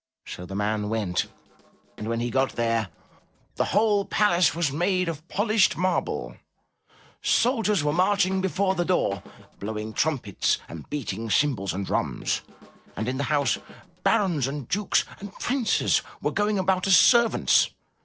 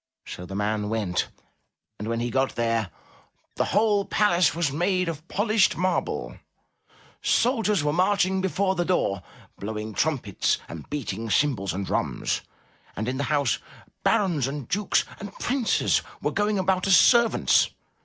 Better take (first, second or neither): second